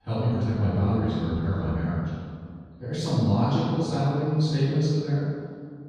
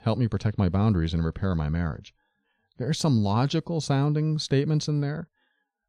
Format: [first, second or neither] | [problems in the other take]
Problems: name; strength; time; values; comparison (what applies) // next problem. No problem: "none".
second | off-mic speech; far // room echo; strong; dies away in 2 s